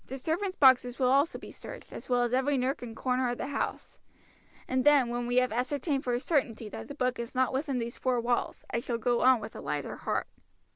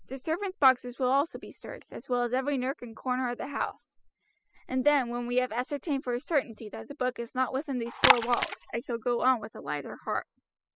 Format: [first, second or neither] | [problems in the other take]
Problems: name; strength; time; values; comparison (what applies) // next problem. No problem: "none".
first | noise reduction (classical method spectral subtraction)